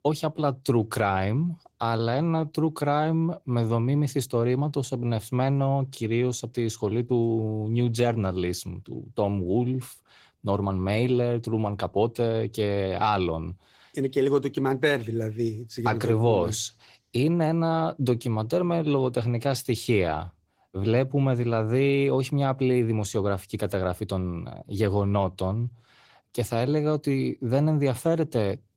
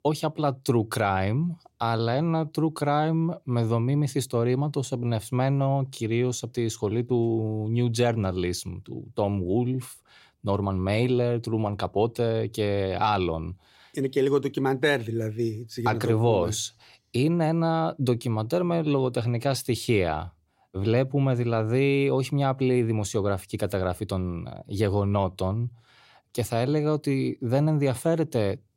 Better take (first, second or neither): second